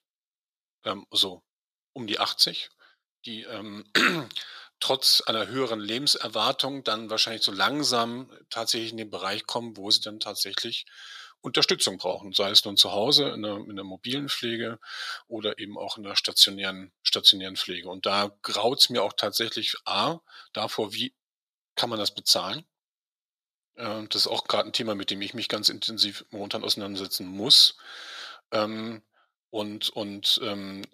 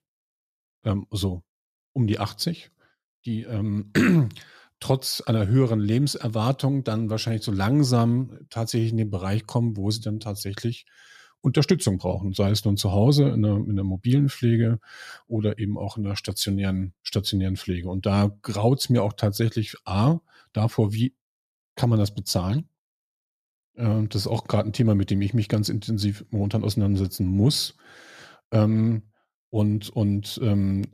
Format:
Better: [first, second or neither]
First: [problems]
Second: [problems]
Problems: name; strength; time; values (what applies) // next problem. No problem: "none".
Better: second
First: thin; very; fading below 500 Hz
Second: none